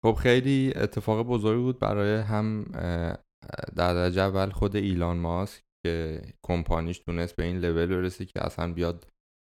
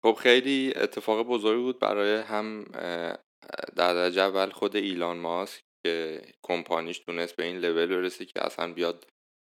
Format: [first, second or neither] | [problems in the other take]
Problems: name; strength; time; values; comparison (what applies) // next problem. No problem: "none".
first | thin; somewhat; fading below 300 Hz